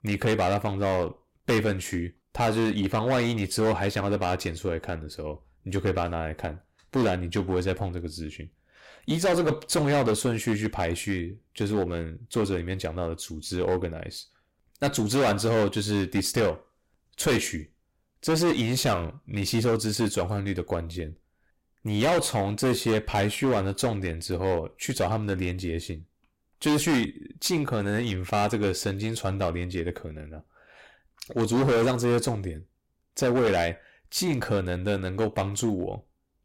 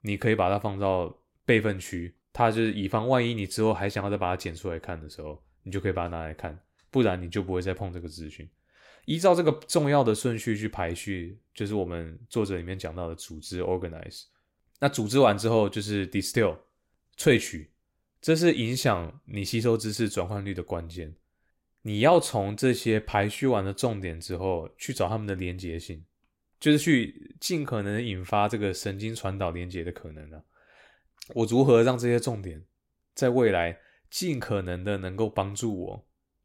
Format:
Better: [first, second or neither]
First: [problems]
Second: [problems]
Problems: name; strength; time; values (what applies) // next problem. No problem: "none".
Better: second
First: distortion; heavy; 10% of the sound clipped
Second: none